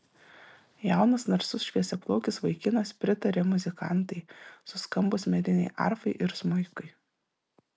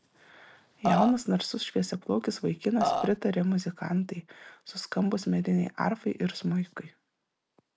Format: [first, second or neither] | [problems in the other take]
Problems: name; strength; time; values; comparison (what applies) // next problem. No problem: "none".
first | background sound (Burping, eructation); 2 dB above the speech